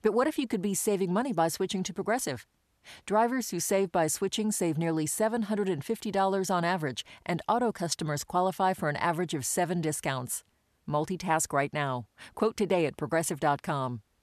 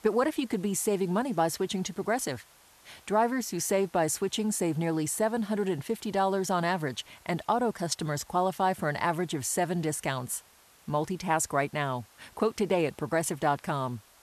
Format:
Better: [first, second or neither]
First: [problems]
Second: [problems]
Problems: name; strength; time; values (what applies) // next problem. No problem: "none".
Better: first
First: none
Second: hiss; faint; throughout; 25 dB below the speech